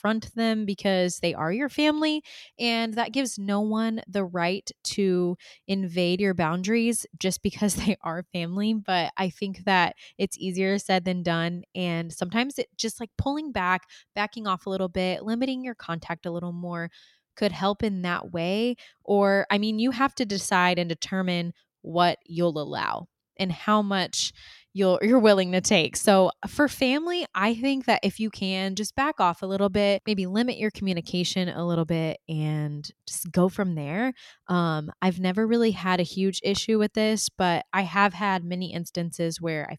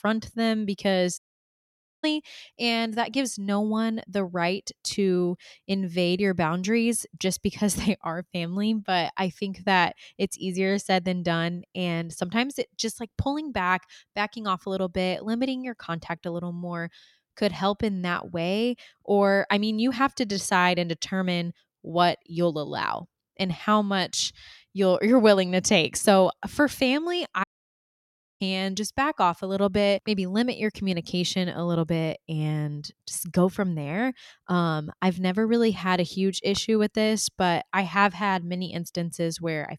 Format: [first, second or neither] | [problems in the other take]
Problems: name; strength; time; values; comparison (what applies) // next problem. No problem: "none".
first | audio cutting out; at 1 s for 1 s and at 27 s for 1 s